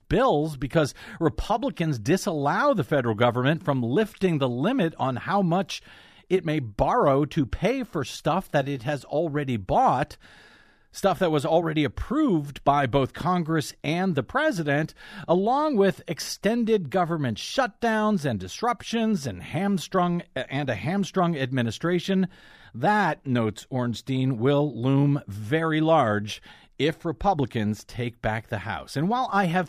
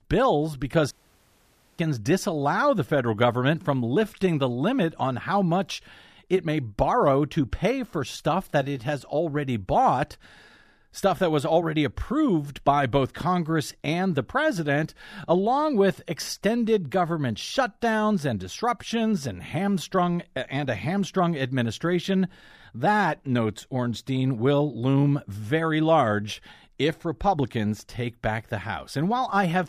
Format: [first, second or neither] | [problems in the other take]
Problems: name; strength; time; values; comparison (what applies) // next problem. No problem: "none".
first | audio cutting out; at 1 s for 1 s